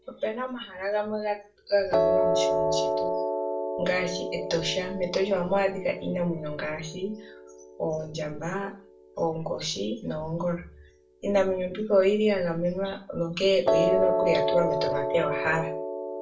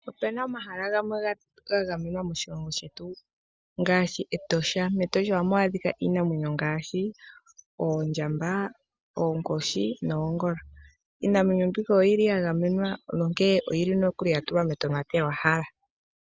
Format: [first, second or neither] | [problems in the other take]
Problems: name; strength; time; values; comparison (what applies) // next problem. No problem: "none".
second | background sound (Piano); 2 dB below the speech // room echo; dies away in 0.3 s